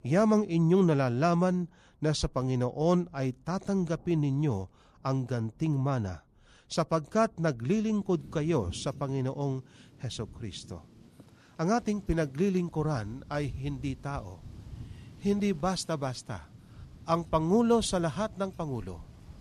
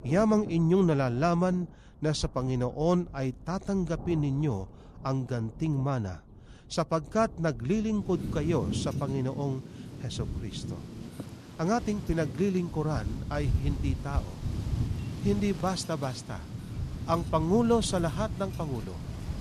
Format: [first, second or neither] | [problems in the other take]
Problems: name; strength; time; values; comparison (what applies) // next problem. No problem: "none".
first | rain or running water; loud; throughout; 8 dB below the speech; faint in the first